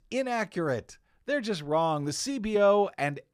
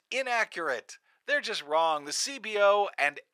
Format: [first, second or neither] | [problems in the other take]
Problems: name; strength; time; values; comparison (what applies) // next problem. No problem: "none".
first | thin; very; fading below 650 Hz